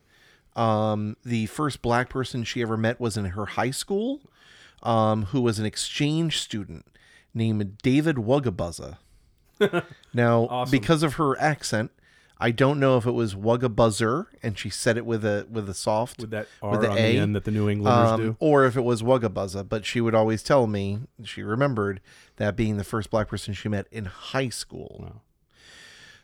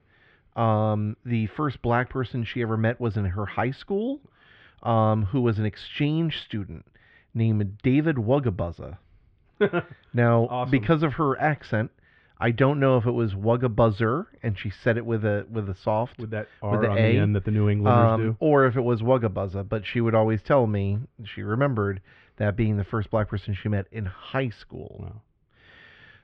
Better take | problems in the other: first | muffled; very; fading above 3 kHz

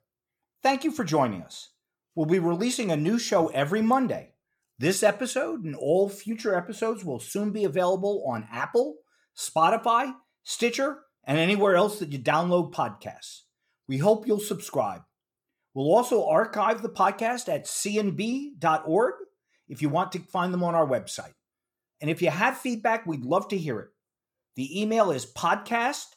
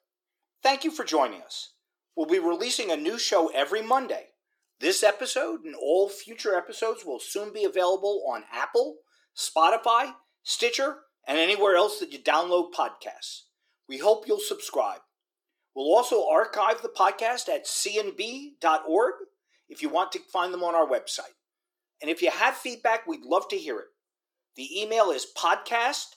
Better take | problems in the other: first | thin; very; fading below 350 Hz

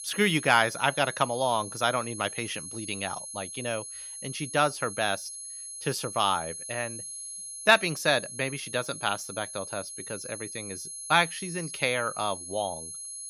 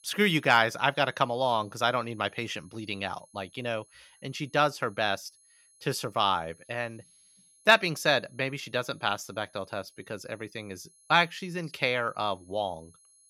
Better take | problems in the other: second | high-pitched whine; loud; throughout; 10.5 kHz, 9 dB below the speech; faint in the second

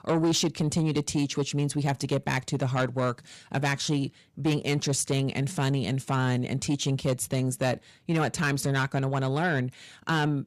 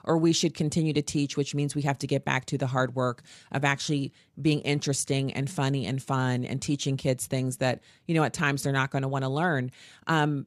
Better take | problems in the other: second | distortion; slight; 10 dB below the speech

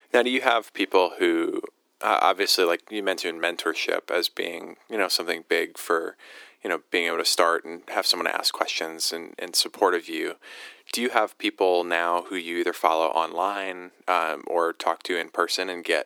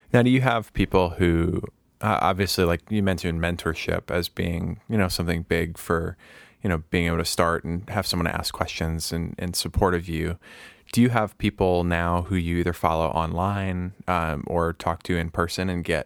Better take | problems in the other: second | thin; very; fading below 300 Hz

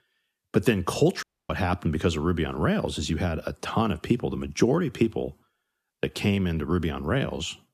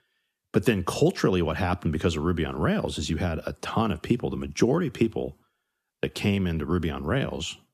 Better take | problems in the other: second | audio cutting out; at 1 s

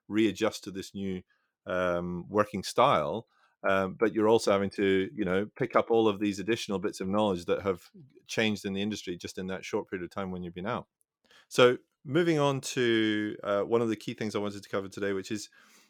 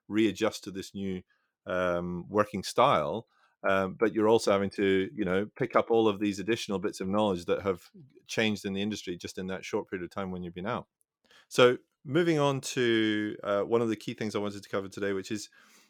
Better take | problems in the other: neither | none

